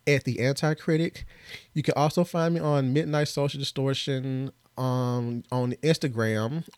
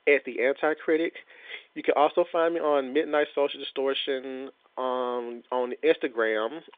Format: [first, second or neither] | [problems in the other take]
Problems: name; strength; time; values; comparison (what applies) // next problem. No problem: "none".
first | phone-call audio